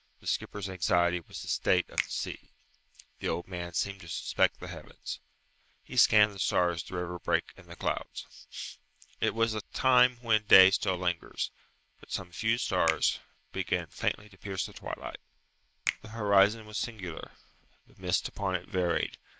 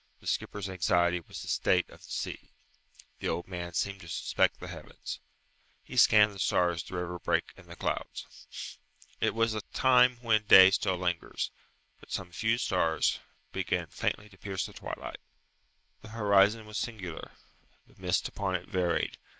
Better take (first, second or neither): second